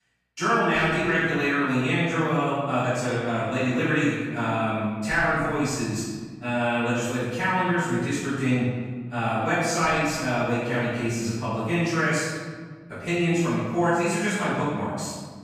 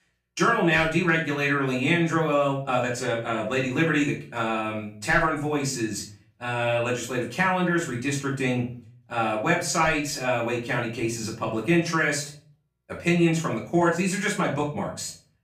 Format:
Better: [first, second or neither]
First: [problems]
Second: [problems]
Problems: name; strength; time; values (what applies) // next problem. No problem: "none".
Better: second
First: room echo; strong; dies away in 1.6 s // off-mic speech; far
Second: room echo; slight; dies away in 0.3 s // off-mic speech; far